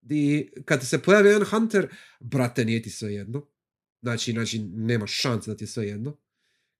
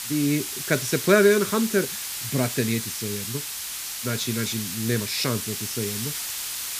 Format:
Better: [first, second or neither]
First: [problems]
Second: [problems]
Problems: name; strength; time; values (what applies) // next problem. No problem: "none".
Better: first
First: none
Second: hiss; loud; throughout; 4 dB below the speech